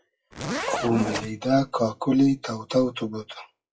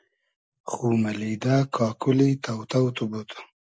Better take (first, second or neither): second